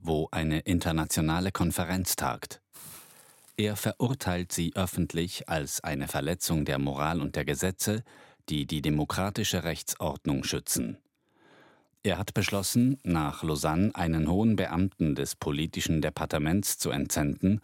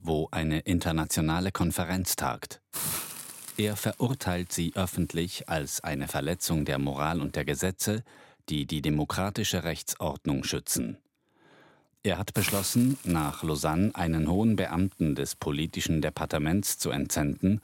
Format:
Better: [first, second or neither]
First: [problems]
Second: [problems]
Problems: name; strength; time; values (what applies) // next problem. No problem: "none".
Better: first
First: hiss; faint; until 7.5 s and from 11 s on; 25 dB below the speech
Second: hiss; loud; until 7.5 s and from 11 s on; 8 dB below the speech